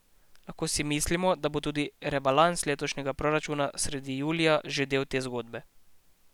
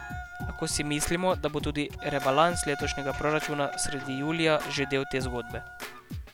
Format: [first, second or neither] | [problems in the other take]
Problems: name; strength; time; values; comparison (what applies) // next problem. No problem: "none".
first | background sound (Scratching (performance technique) + Wind instrument, woodwind instrument); 8 dB below the speech